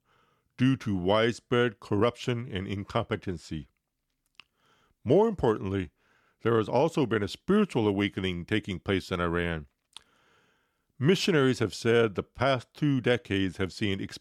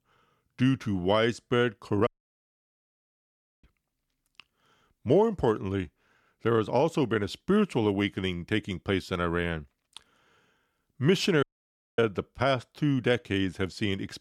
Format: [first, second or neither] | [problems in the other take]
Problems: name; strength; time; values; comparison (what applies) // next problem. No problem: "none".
first | audio cutting out; at 2 s for 1.5 s and at 11 s for 0.5 s